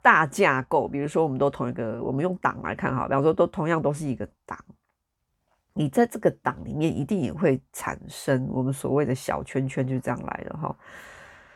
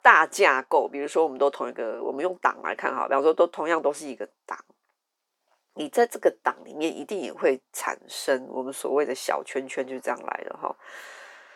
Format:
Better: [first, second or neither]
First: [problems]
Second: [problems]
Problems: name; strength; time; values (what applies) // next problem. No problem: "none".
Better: first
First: none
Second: thin; somewhat; fading below 350 Hz